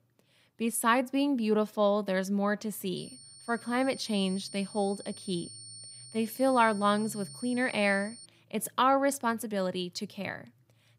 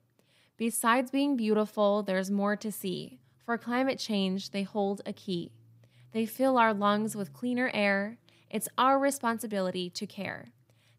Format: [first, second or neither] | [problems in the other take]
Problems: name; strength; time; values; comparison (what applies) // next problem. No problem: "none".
second | high-pitched whine; noticeable; from 3 to 8.5 s; 9 kHz, 15 dB below the speech